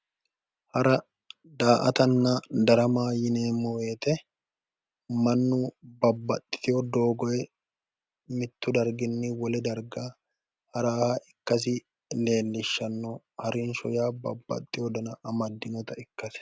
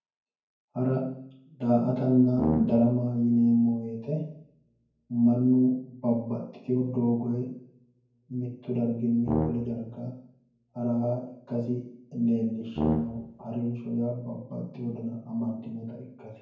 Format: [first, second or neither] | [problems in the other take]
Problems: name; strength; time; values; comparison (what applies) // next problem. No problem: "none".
first | background sound (Brass instrument); 2 dB below the speech // room echo; dies away in 0.9 s